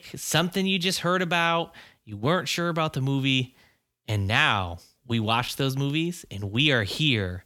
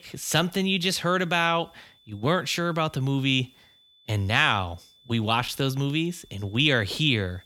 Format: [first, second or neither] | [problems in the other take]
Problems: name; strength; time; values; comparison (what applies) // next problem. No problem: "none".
first | high-pitched whine; faint; throughout; 3.5 kHz, 30 dB below the speech